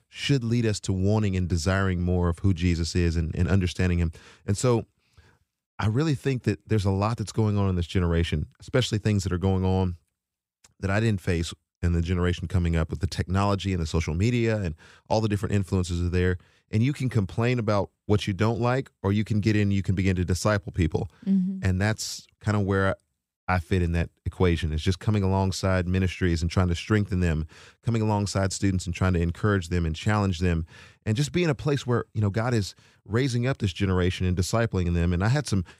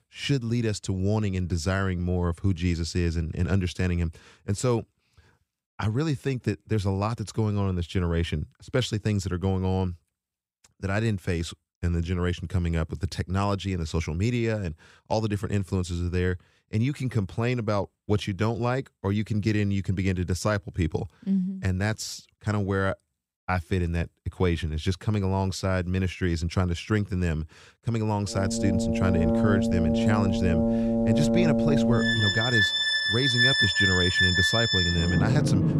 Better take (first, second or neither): first